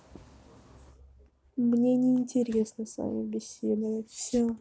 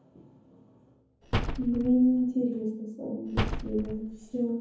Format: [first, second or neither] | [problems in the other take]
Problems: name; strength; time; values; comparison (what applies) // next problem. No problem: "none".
first | background sound (Slam); 3 dB below the speech // room echo; dies away in 0.7 s